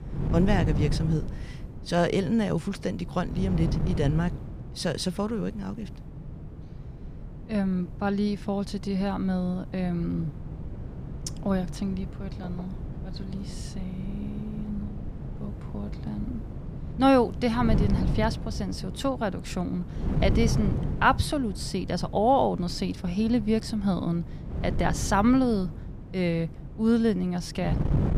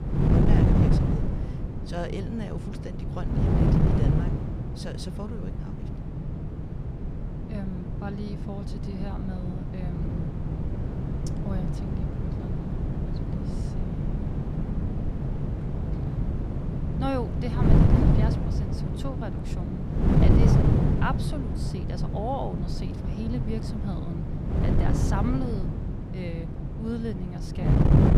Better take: first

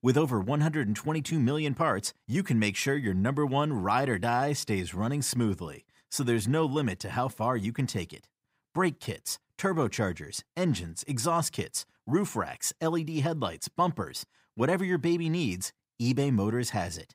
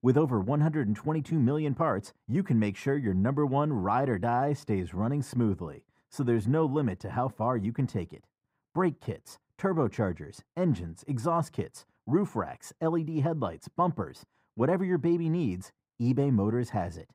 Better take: first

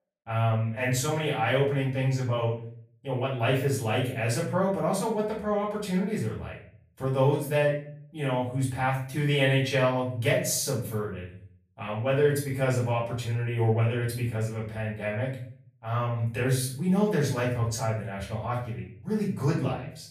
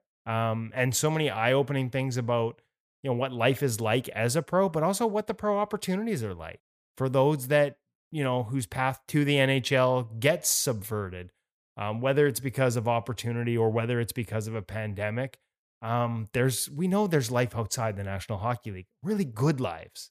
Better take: second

